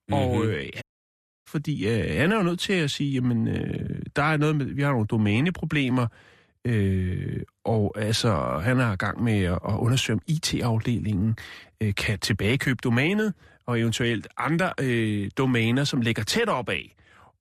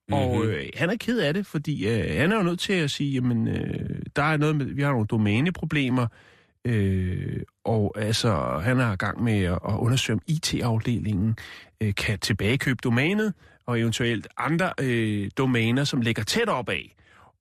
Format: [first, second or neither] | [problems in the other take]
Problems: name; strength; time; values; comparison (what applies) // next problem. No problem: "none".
second | audio cutting out; at 1 s for 0.5 s